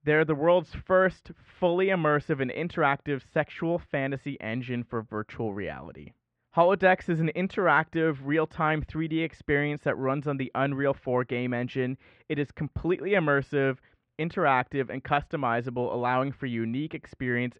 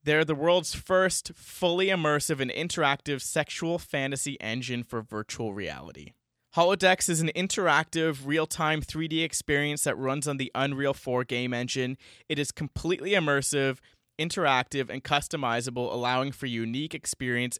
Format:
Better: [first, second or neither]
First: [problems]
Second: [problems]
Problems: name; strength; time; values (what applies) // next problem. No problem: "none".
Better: second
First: muffled; very; fading above 2 kHz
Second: none